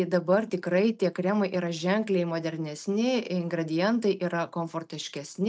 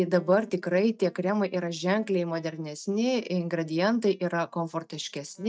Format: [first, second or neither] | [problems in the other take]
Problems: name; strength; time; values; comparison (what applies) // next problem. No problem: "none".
first | noise reduction (neural mask model DeepFilterNet 3)